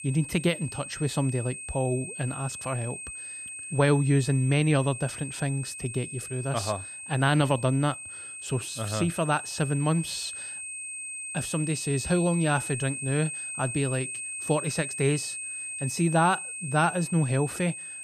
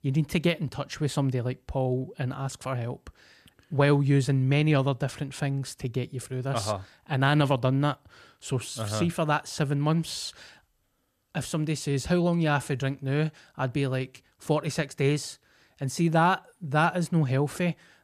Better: second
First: high-pitched whine; loud; throughout; 8.5 kHz, 7 dB below the speech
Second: none

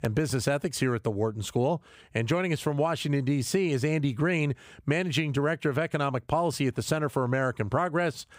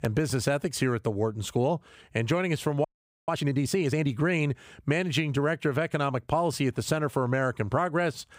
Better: first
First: none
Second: audio freezing; at 3 s

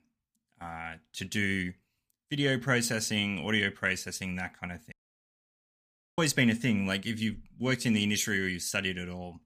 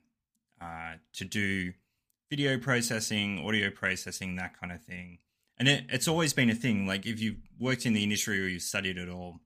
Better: second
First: audio cutting out; at 5 s for 1.5 s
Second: none

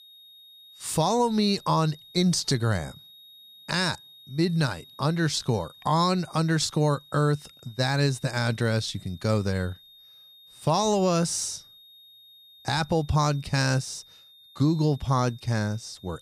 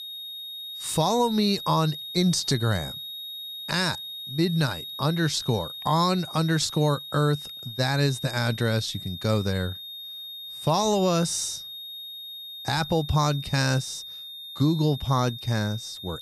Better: first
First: high-pitched whine; faint; throughout; 3.5 kHz, 25 dB below the speech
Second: high-pitched whine; loud; throughout; 3.5 kHz, 10 dB below the speech

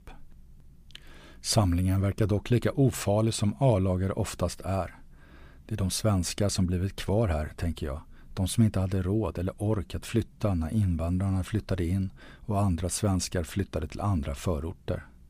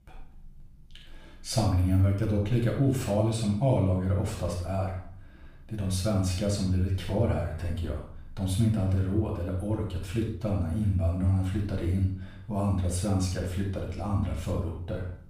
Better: first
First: none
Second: off-mic speech; far // room echo; noticeable; dies away in 0.5 s

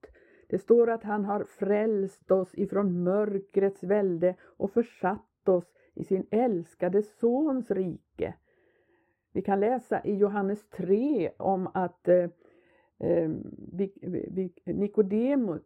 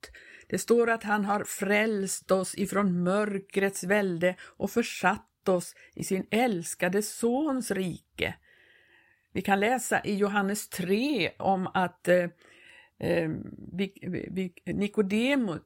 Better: second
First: muffled; very; fading above 2 kHz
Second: none

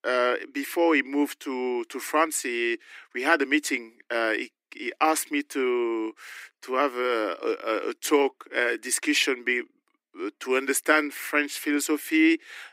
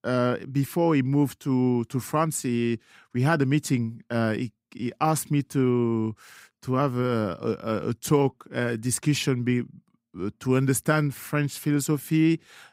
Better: second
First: thin; somewhat; fading below 300 Hz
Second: none

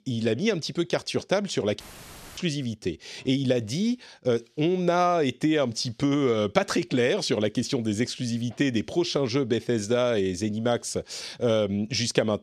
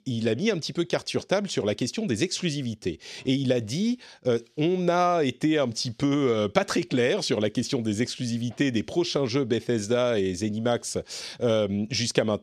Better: second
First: audio cutting out; filled with static; at 2 s for 0.5 s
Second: none

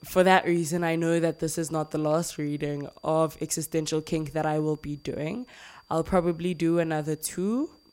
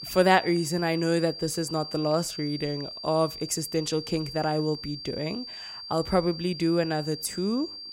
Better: first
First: high-pitched whine; faint; throughout; 4.5 kHz, 35 dB below the speech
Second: high-pitched whine; loud; throughout; 4.5 kHz, 10 dB below the speech

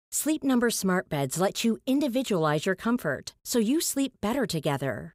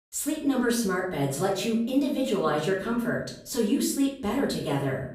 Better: first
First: none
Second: off-mic speech; far // room echo; slight; dies away in 0.5 s

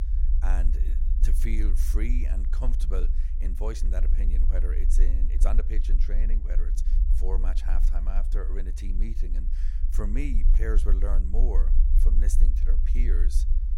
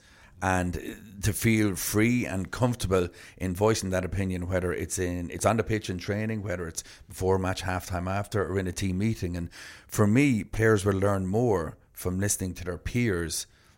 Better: second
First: low rumble; loud; throughout; 8 dB below the speech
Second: none

